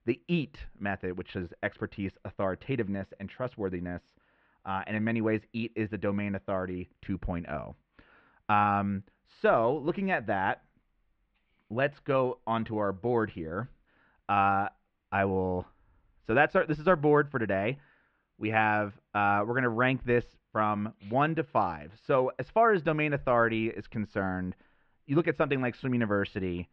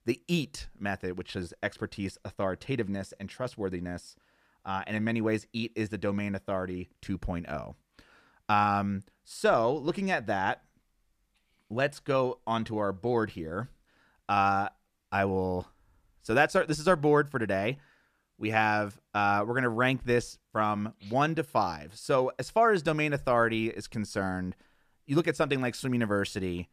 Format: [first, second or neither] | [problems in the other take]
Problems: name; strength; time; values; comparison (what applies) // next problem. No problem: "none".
second | muffled; very; fading above 3 kHz